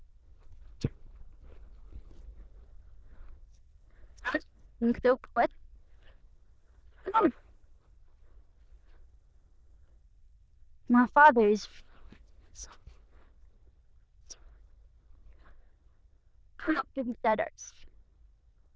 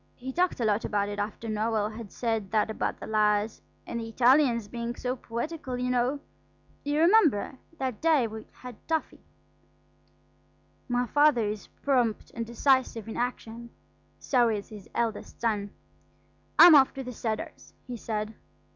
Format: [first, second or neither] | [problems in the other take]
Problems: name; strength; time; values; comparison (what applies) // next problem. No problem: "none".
second | noise reduction (neural diffusion model UNIVERSE++)